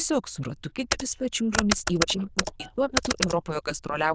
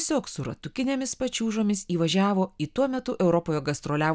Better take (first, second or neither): second